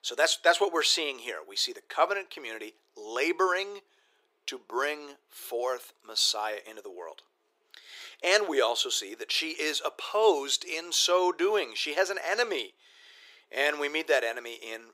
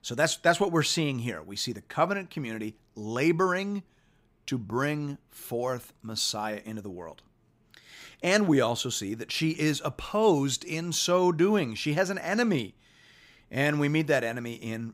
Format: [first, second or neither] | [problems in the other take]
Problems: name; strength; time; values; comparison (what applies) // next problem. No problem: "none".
second | thin; very; fading below 400 Hz